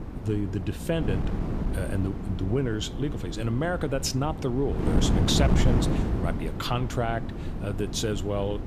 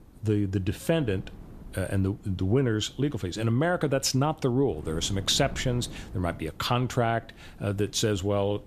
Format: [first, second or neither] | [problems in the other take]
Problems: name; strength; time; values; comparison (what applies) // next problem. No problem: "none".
second | wind noise on the microphone; heavy; 5 dB below the speech; occasional gusts in the second